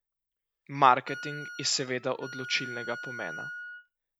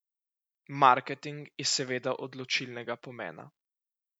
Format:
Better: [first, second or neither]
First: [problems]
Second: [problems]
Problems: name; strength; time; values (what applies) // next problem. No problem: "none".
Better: second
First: background sound (Wind instrument, woodwind instrument); 11 dB below the speech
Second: none